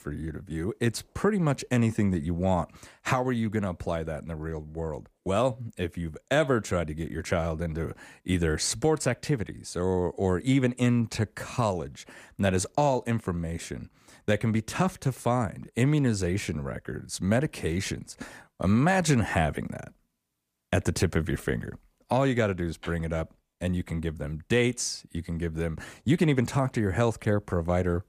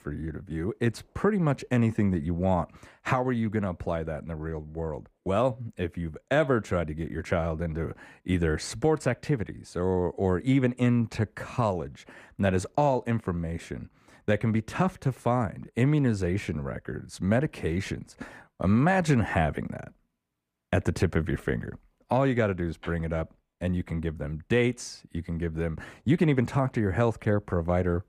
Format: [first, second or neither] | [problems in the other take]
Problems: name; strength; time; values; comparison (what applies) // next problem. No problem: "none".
first | muffled; slightly; fading above 3.5 kHz